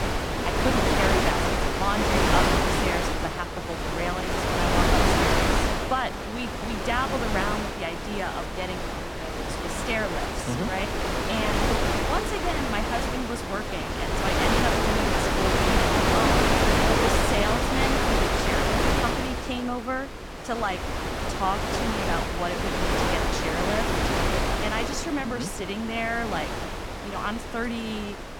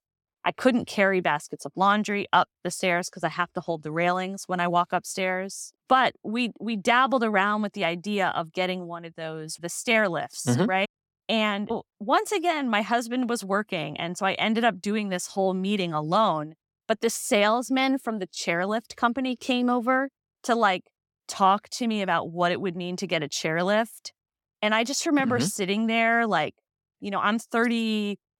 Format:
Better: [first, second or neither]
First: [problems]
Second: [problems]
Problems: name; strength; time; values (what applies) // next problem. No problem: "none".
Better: second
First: wind noise on the microphone; heavy; 5 dB above the speech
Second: none